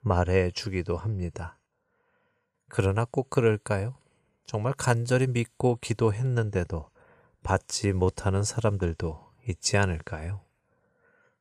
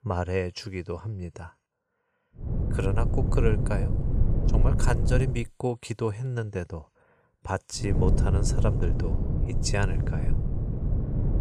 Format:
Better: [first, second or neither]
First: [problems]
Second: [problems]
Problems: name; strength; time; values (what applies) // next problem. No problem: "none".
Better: first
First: none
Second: low rumble; loud; from 2.5 to 5.5 s and from 8 s on; 6 dB below the speech